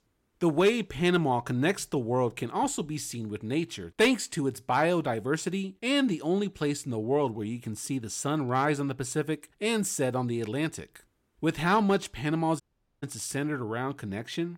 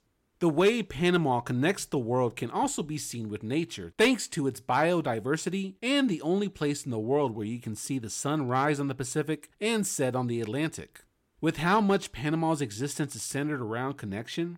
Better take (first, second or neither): second